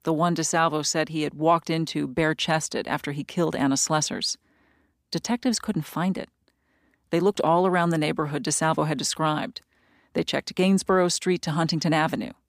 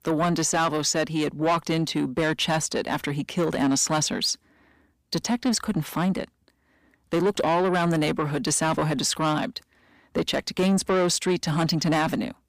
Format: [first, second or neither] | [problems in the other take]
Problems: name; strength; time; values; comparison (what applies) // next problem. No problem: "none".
first | distortion; slight; 10 dB below the speech